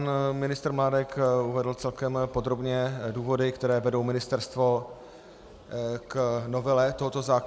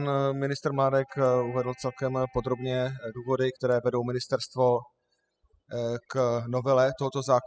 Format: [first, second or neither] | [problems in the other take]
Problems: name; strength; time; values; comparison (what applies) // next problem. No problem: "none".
first | noise reduction (classical method spectral subtraction)